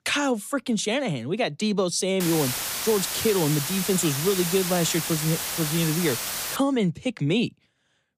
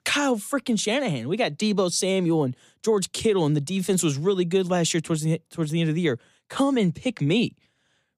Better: second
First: hiss; loud; from 2 to 6.5 s; 2 dB below the speech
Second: none

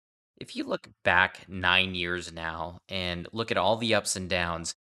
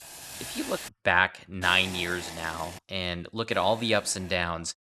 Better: first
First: none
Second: hiss; noticeable; at the start, from 1.5 to 3 s and at 3.5 s; 10 dB below the speech

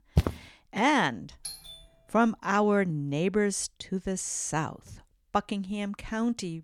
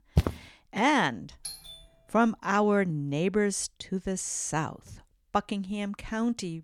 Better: neither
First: footsteps; noticeable; at the start; peak 1 dB below the speech // doorbell; faint; at 1.5 s; peak 10 dB below the speech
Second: footsteps; noticeable; at the start; peak 1 dB below the speech // doorbell; faint; at 1.5 s; peak 10 dB below the speech

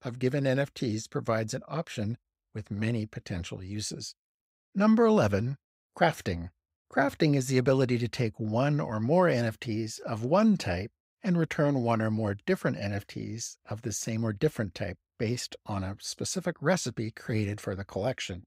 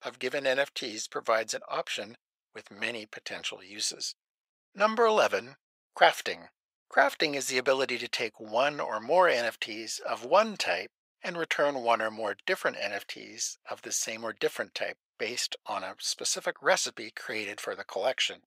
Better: first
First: none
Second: thin; very; fading below 700 Hz

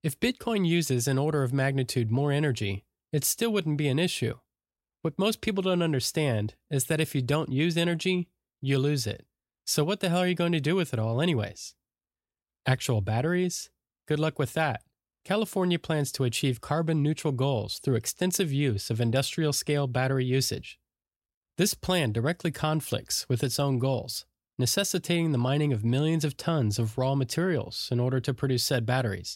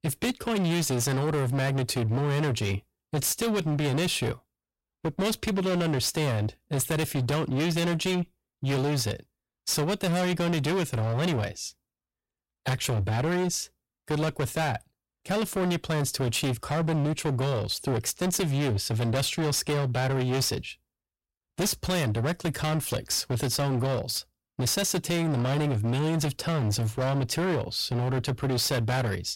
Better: first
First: none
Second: distortion; heavy; 26% of the sound clipped

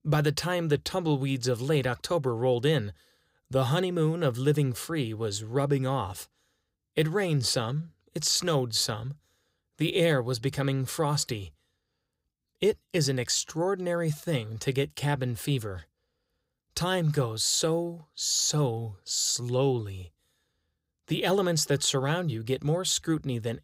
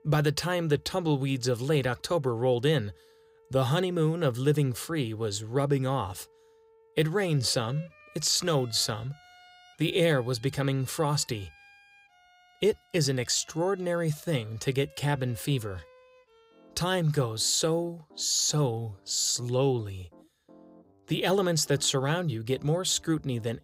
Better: first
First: none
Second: background music; faint; throughout; 30 dB below the speech

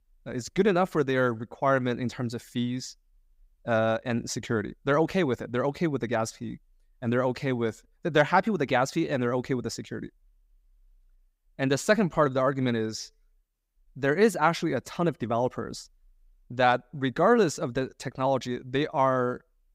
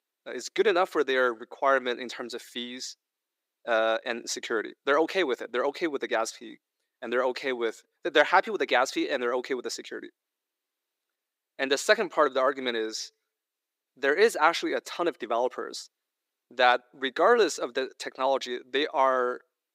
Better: first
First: none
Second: thin; somewhat; fading below 350 Hz

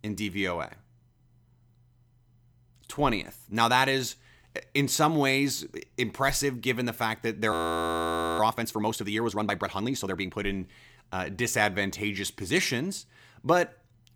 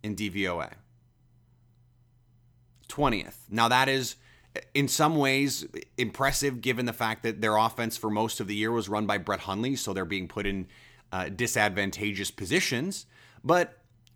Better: second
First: audio freezing; at 7.5 s for 1 s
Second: none

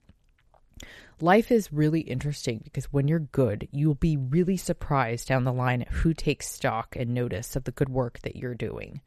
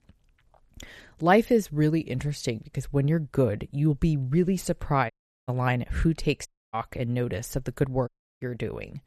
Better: first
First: none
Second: audio cutting out; at 5 s, at 6.5 s and at 8 s

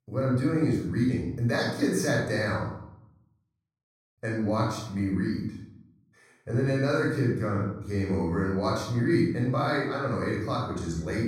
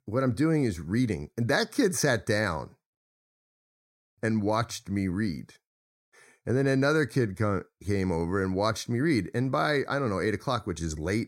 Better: second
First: off-mic speech; far // room echo; noticeable; dies away in 0.7 s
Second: none

